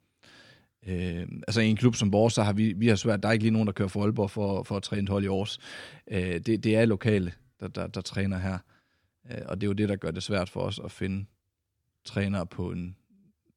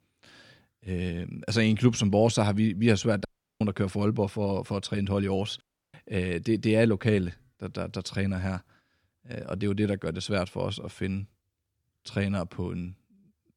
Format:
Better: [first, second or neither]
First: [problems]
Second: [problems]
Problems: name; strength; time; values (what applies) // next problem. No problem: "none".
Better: first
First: none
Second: audio cutting out; at 3.5 s and at 5.5 s